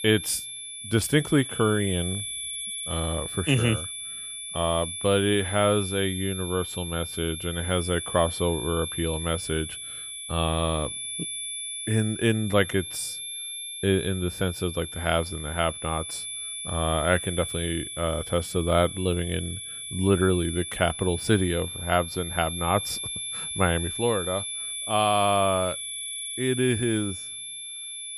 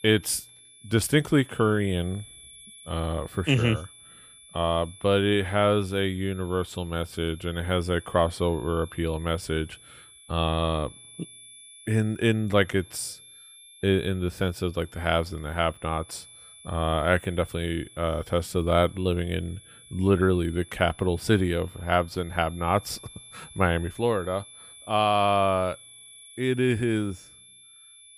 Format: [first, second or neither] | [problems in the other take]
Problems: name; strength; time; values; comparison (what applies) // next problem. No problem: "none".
second | high-pitched whine; loud; throughout; 3.5 kHz, 6 dB below the speech; faint in the second